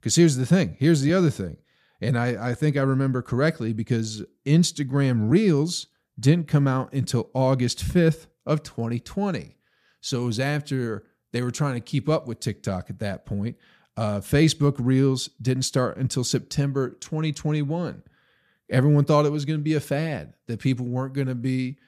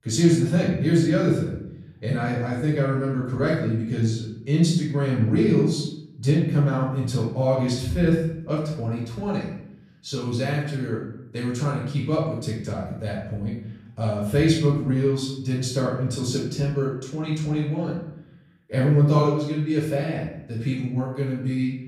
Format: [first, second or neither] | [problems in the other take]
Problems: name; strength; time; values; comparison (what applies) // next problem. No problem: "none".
first | off-mic speech; far // room echo; noticeable; dies away in 0.7 s